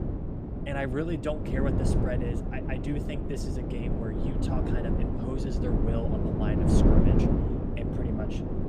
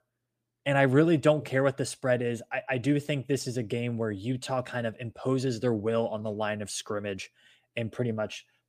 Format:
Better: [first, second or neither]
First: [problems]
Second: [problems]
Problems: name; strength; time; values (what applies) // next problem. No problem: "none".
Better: second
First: wind noise on the microphone; heavy; 2 dB above the speech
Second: none